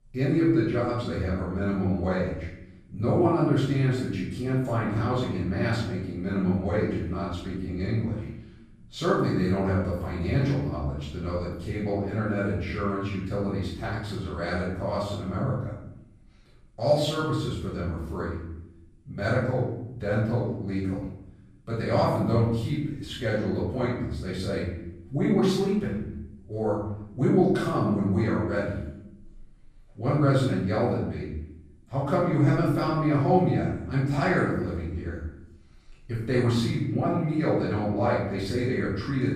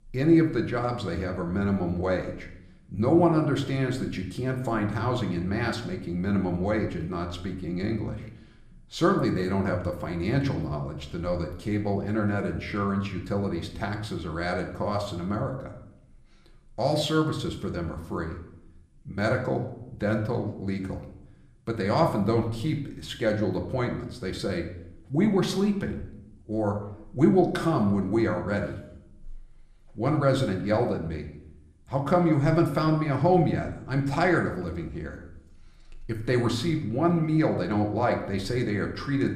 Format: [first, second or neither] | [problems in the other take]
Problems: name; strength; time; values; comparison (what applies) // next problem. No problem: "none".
second | room echo; strong; dies away in 0.8 s; slight in the second // off-mic speech; far